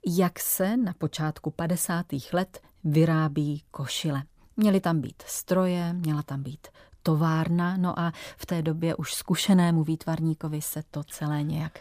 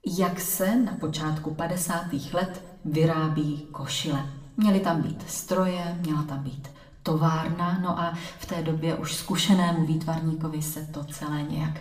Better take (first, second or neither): first